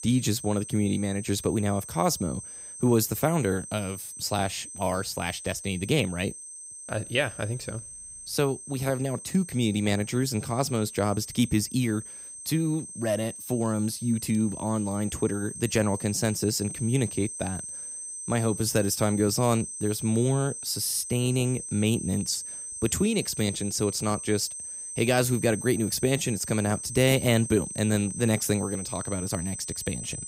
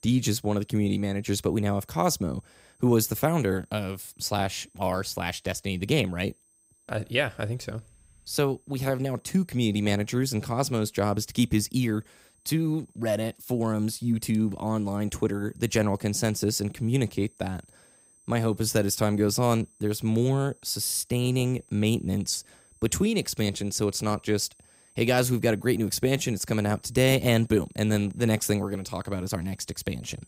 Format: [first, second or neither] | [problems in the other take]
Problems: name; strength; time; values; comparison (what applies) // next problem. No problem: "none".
second | high-pitched whine; loud; throughout; 8.5 kHz, 9 dB below the speech; faint in the second